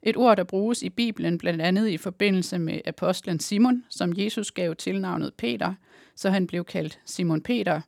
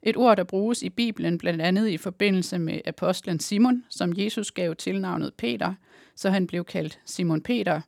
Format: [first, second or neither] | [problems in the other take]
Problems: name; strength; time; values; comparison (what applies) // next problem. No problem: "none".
neither | none